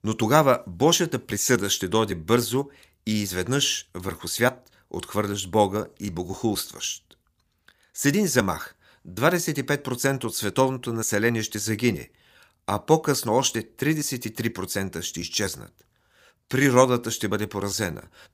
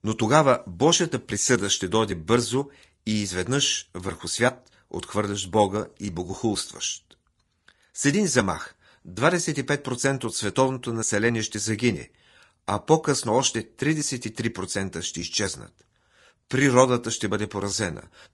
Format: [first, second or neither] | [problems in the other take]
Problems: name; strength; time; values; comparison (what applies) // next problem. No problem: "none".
first | garbled, watery; slightly; nothing above 10.5 kHz